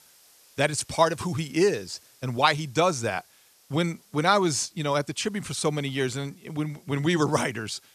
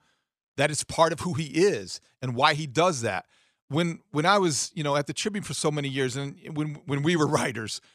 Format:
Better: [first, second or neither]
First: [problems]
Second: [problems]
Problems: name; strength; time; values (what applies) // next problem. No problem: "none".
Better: second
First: hiss; faint; throughout; 30 dB below the speech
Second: none